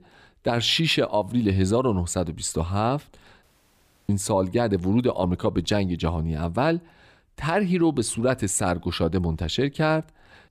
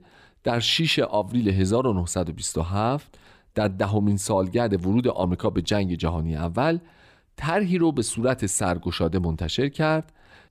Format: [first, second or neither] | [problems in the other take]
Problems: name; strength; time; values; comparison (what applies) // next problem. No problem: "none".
second | audio cutting out; at 3.5 s for 0.5 s